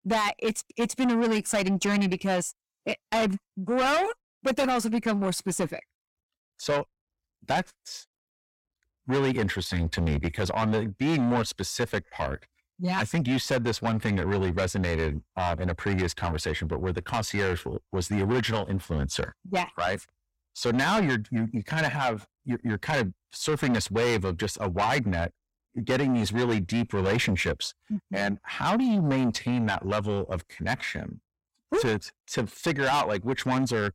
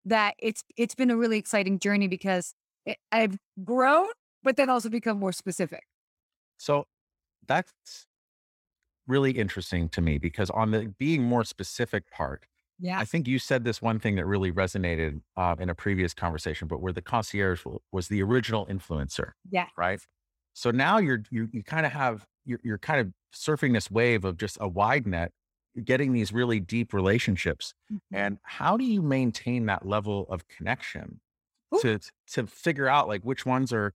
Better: second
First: distortion; heavy; 6 dB below the speech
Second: none

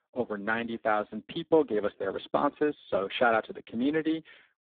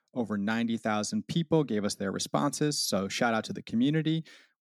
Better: second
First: phone-call audio; poor line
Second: none

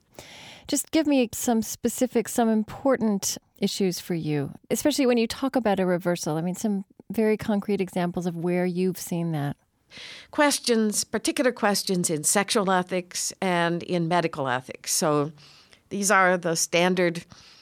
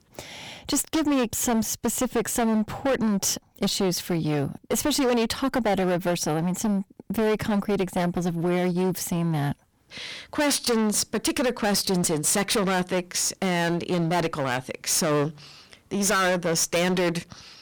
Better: first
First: none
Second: distortion; heavy; 18% of the sound clipped

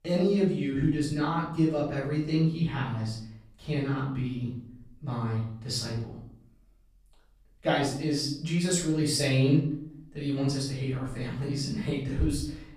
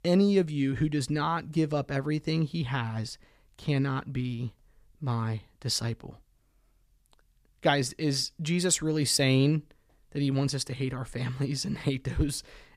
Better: second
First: off-mic speech; far // room echo; noticeable; dies away in 0.6 s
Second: none

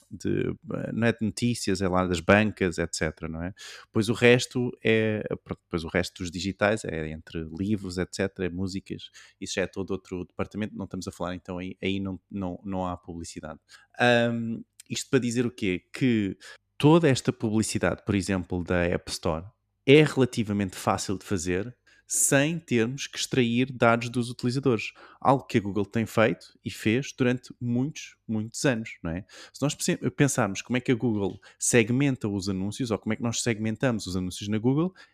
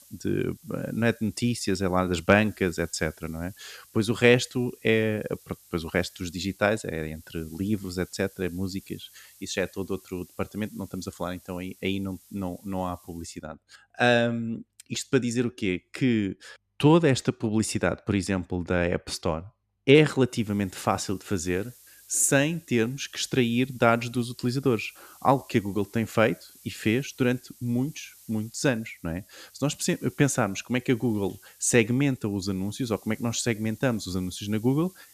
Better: first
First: none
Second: hiss; faint; until 13 s and from 20 s on; 25 dB below the speech

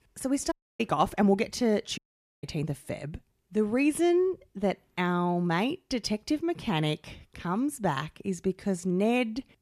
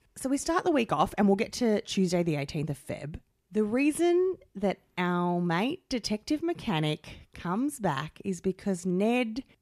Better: second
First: audio cutting out; at 0.5 s and at 2 s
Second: none

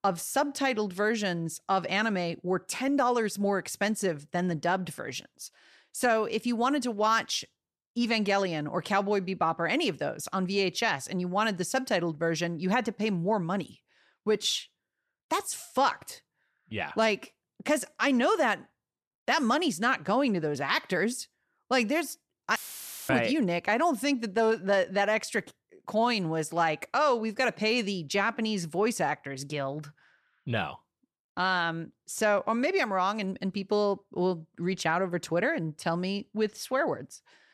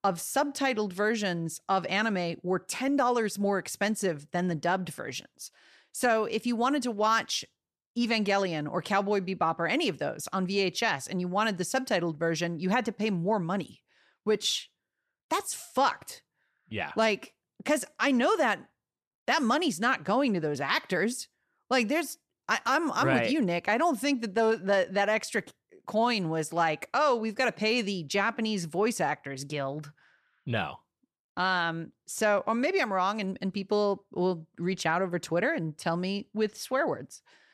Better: second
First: audio cutting out; filled with static; at 23 s for 0.5 s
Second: none

